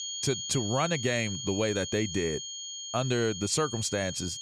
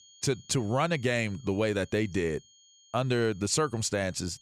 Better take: second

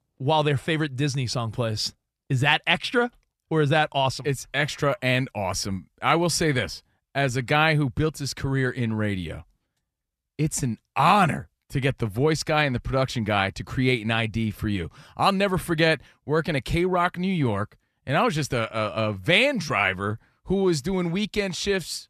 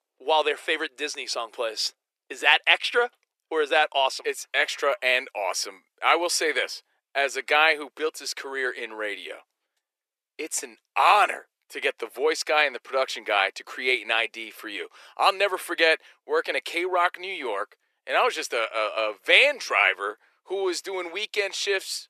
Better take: first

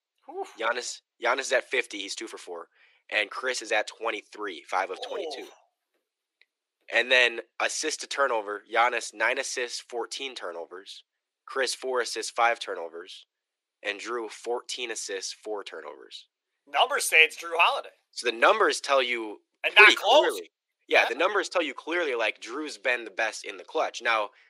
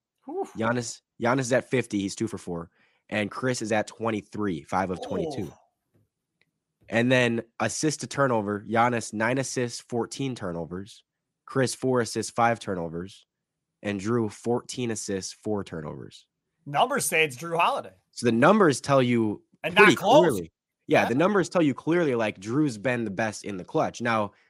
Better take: second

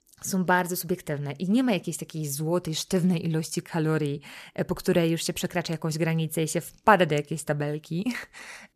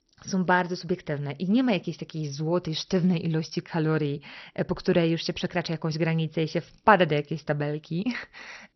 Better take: first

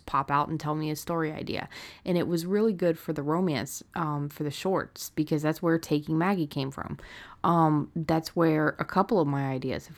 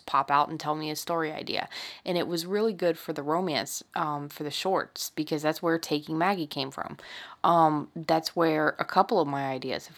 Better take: first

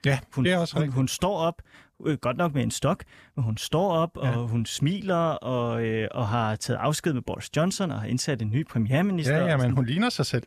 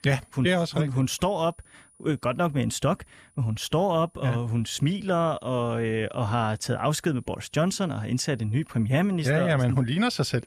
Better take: first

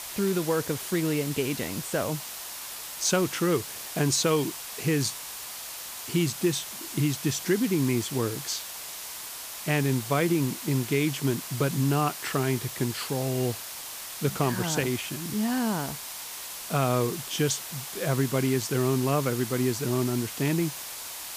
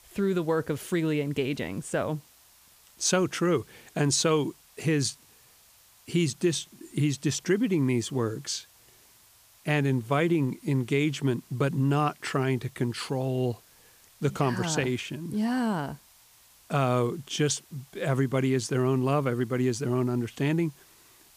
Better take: second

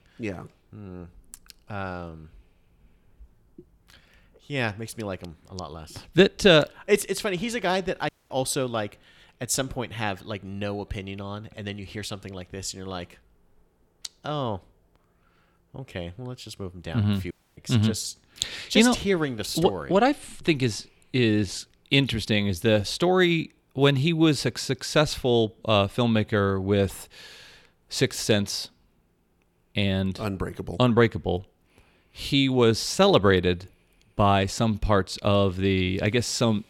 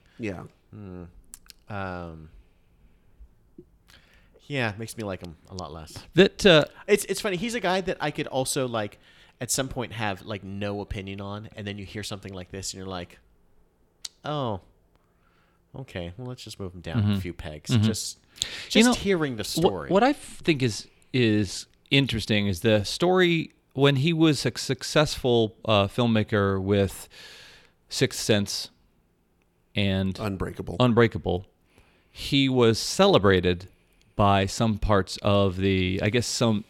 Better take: second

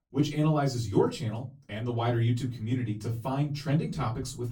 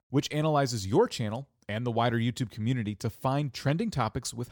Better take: second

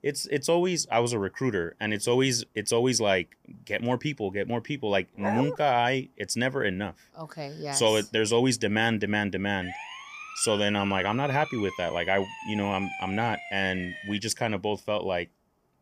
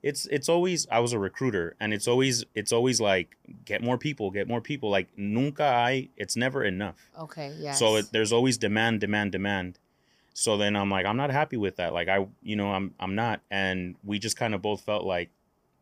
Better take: second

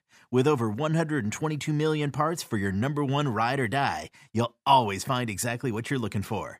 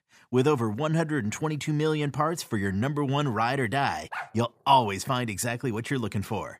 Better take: first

